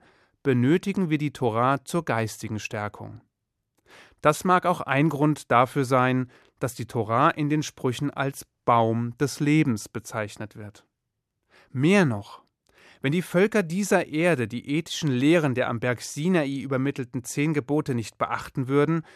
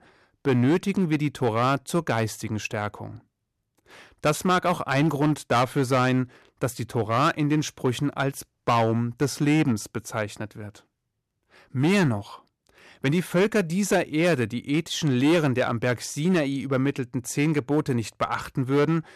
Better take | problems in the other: first | distortion; slight; 6% of the sound clipped

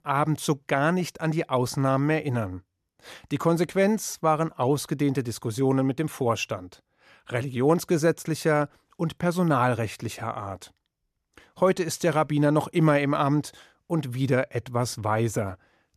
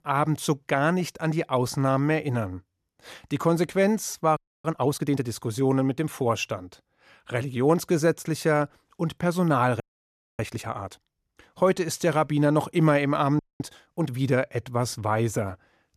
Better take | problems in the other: first | audio freezing; at 4.5 s, at 10 s for 0.5 s and at 13 s

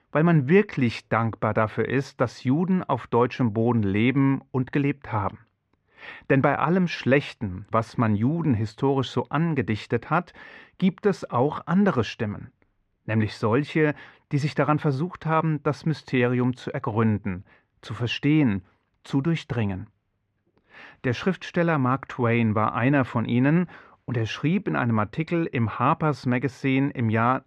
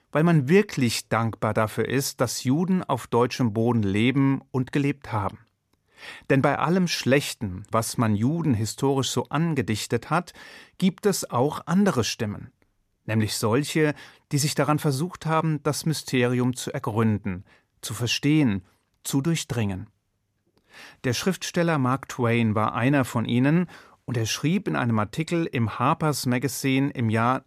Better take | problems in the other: second | muffled; slightly; fading above 2.5 kHz

